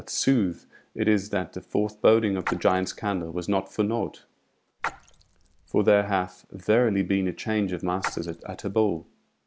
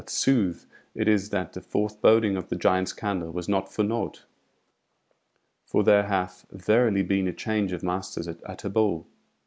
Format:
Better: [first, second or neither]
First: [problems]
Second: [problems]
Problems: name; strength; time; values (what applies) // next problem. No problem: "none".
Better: second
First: background sound (Splash, splatter); 12 dB below the speech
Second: none